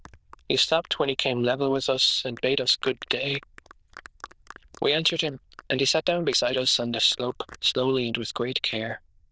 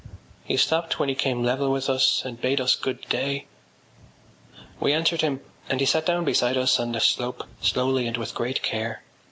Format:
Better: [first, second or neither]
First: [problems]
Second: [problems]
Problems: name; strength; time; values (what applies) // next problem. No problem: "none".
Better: second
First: noise reduction (neural diffusion model UNIVERSE++)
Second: none